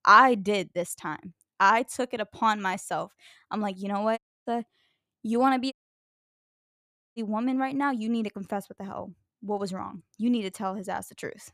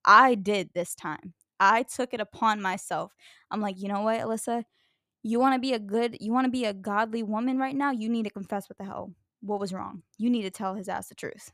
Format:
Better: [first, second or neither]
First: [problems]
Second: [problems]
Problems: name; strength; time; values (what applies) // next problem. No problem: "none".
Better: second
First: audio cutting out; at 4 s and at 5.5 s for 1.5 s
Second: none